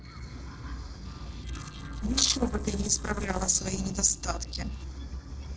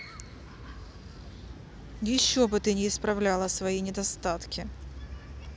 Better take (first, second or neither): second